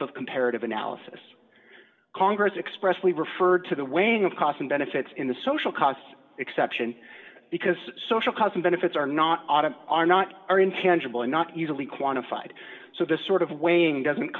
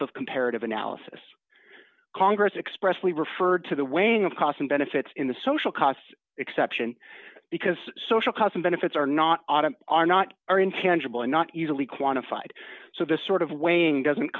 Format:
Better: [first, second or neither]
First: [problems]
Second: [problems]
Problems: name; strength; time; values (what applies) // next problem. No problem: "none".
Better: second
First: room echo; dies away in 2.3 s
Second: none